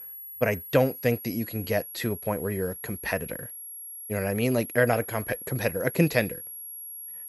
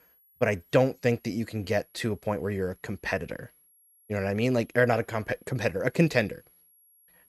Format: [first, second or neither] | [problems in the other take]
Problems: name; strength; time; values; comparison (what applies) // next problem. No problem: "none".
second | high-pitched whine; loud; throughout; 11.5 kHz, 10 dB below the speech; faint in the second